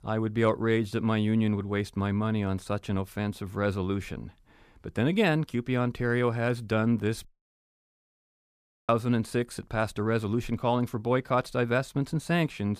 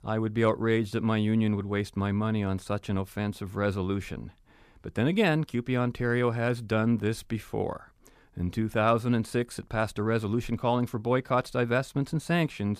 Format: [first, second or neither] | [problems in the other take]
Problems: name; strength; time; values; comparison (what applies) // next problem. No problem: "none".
second | audio cutting out; at 7.5 s for 1.5 s